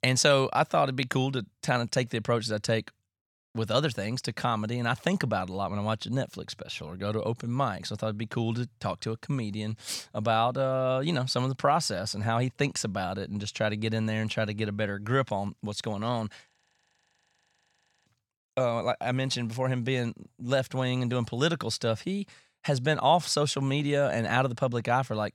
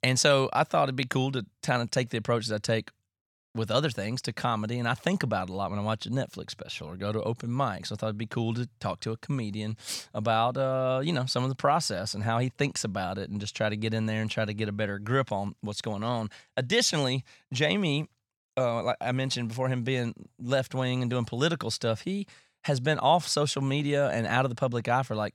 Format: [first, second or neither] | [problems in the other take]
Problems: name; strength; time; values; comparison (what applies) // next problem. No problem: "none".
second | audio freezing; at 17 s for 1.5 s